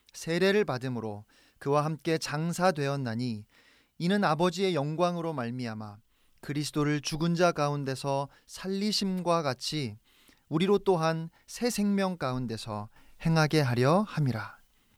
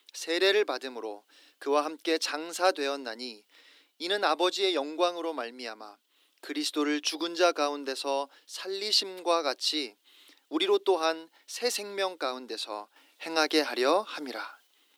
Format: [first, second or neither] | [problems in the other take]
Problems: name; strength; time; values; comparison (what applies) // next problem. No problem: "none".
first | thin; somewhat; fading below 300 Hz